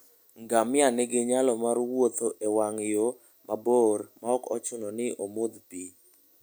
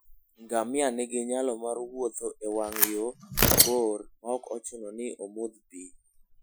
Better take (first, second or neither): first